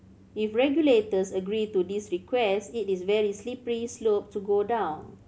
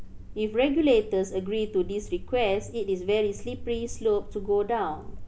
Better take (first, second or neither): first